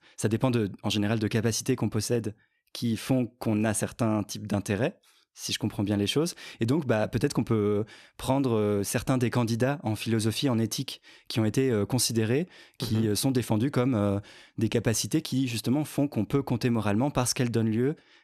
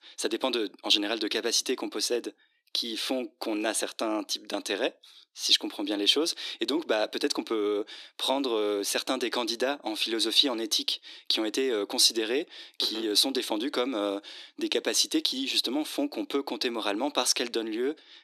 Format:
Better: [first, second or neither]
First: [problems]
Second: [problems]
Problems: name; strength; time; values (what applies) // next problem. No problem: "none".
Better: first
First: none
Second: thin; somewhat; fading below 300 Hz